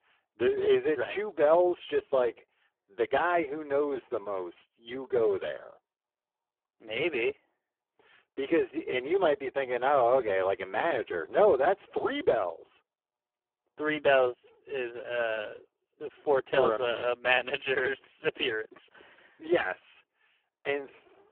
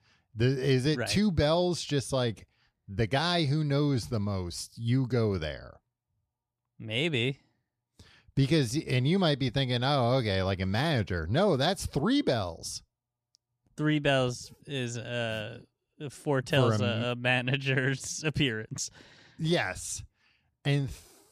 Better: second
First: phone-call audio; poor line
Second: none

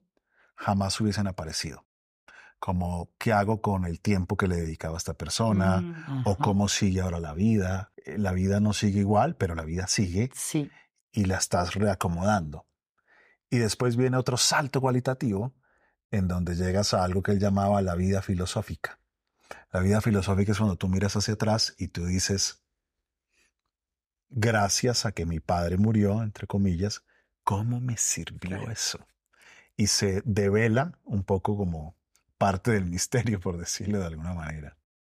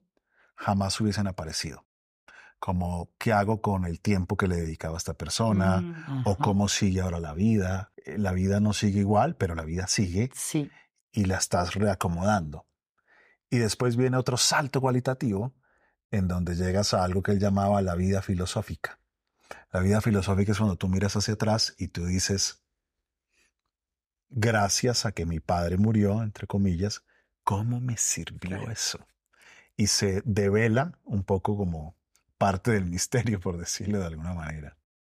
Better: neither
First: none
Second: none

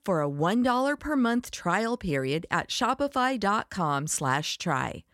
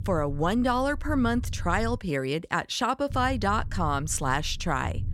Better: first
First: none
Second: low rumble; faint; until 2 s and from 3 s on; 25 dB below the speech

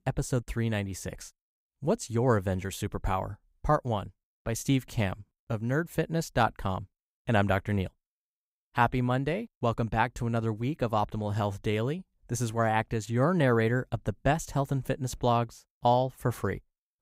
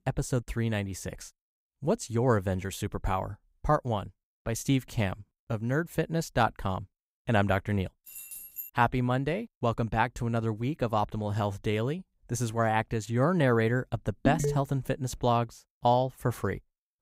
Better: first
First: none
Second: jangling keys; noticeable; at 8 s; peak 9 dB below the speech // phone ringing; noticeable; at 14 s; peak level with the speech

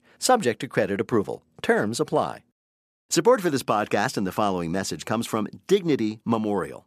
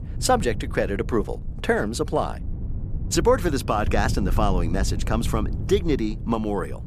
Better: first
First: none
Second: wind noise on the microphone; occasional gusts; 20 dB below the speech

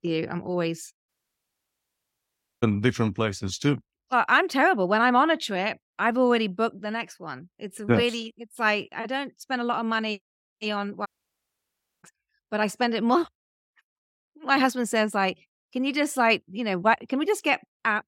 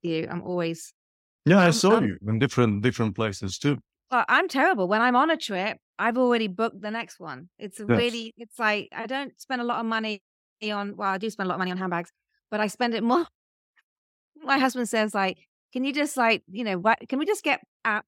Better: second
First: audio cutting out; at 1 s for 1.5 s and at 11 s for 1 s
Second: none

